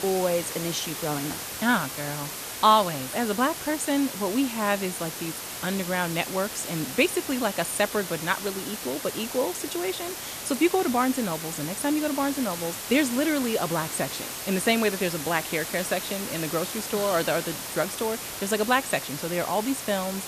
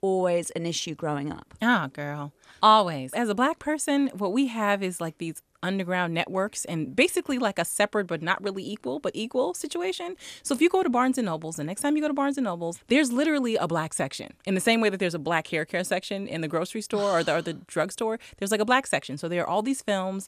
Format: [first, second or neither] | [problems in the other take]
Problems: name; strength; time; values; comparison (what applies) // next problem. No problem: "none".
second | hiss; loud; throughout; 6 dB below the speech